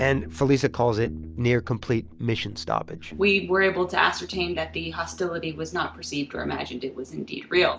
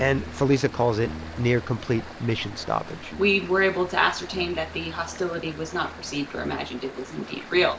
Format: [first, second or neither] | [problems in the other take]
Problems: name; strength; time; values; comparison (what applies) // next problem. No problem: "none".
first | background sound (Stream); 16 dB below the speech